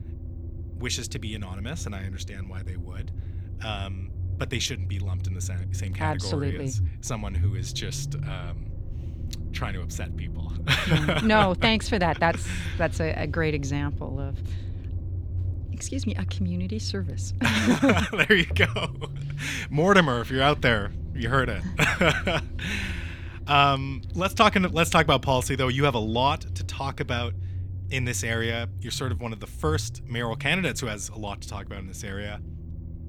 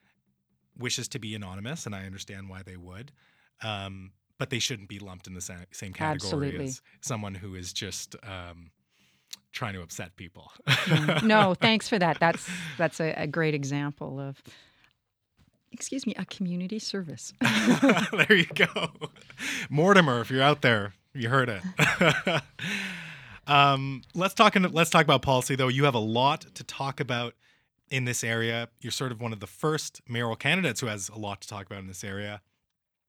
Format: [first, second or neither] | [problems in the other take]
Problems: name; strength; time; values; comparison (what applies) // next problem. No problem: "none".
second | low rumble; faint; throughout; 25 dB below the speech